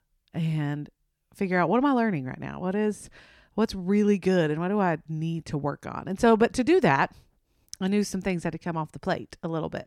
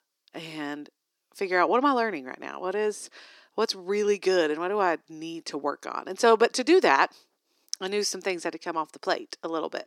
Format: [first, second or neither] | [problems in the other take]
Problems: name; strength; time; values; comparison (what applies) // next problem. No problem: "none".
first | thin; somewhat; fading below 350 Hz